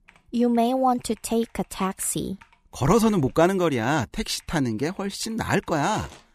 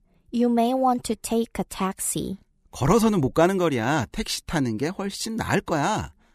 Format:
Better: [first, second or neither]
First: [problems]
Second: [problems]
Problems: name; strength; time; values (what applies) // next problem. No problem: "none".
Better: second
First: household noises; faint; throughout; 25 dB below the speech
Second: none